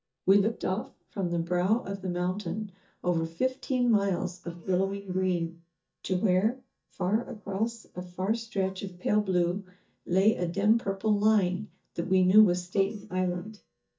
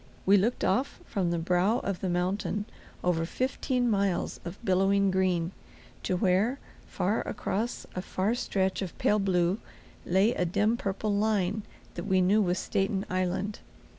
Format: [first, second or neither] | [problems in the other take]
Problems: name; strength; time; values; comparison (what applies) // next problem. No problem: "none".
second | noise reduction (neural mask model DeepFilterNet 3)